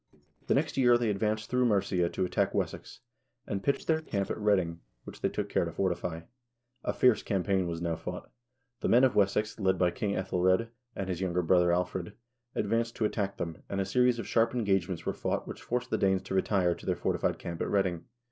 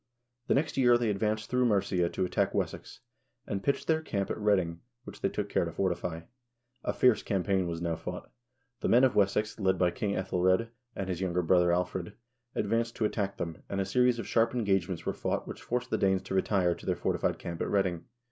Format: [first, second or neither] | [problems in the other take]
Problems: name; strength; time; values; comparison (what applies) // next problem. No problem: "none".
second | noise reduction (neural separator model SepFormer DNS4)